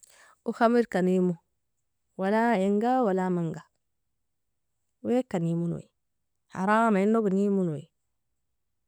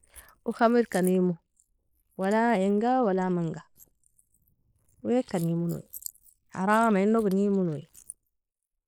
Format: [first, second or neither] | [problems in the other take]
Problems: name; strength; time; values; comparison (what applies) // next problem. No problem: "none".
first | noise reduction (neural mask model Resemble Enhance denoiser)